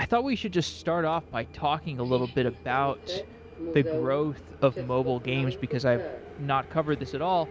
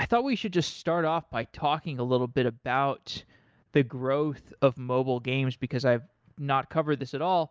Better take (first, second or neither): second